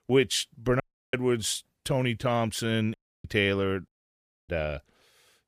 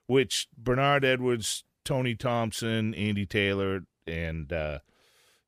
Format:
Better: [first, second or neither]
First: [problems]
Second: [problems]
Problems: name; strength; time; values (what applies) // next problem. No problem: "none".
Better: second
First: audio cutting out; at 1 s, at 3 s and at 4 s for 0.5 s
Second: none